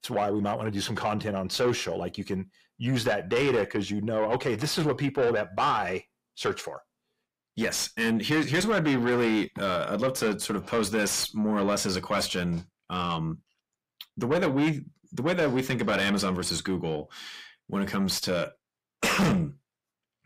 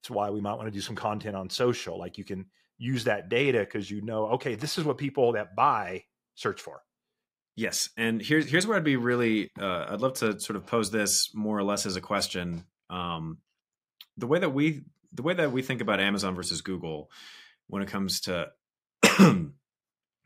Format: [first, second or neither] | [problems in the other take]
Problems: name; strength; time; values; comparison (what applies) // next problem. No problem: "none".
second | distortion; heavy; 6 dB below the speech